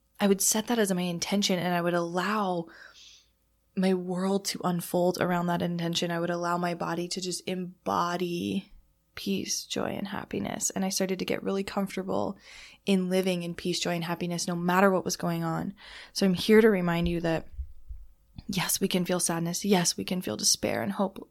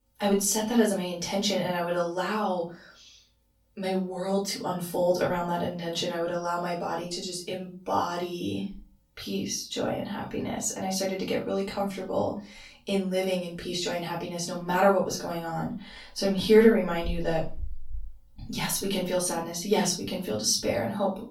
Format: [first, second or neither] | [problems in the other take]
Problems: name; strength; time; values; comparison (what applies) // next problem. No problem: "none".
first | off-mic speech; far // room echo; slight; dies away in 0.3 s